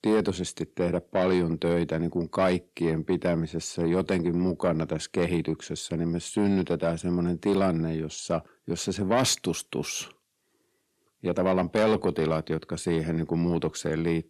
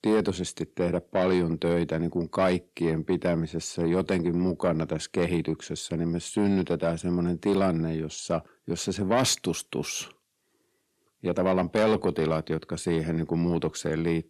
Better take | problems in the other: neither | distortion; slight; 10 dB below the speech; the same in both

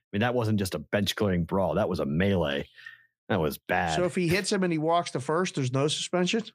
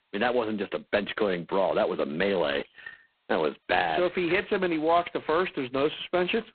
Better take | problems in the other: first | phone-call audio; poor line; nothing above 4 kHz

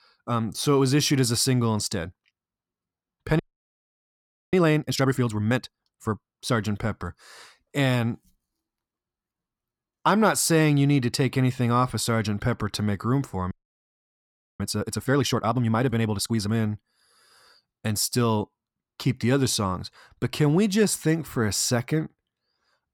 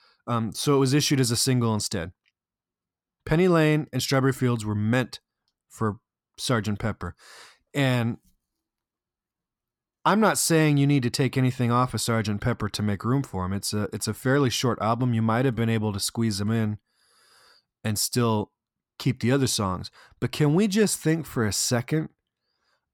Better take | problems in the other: second | audio freezing; at 3.5 s for 1 s and at 14 s for 1 s

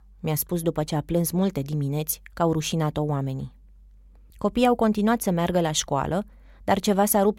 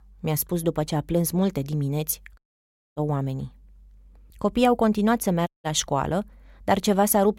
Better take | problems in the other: first | audio cutting out; at 2.5 s for 0.5 s and at 5.5 s

